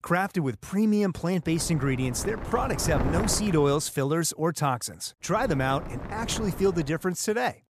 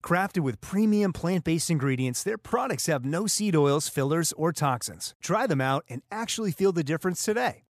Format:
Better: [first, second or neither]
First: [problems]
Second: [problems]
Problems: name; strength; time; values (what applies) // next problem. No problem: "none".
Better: second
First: wind noise on the microphone; heavy; from 1.5 to 4 s and from 5.5 to 7 s; 10 dB below the speech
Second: none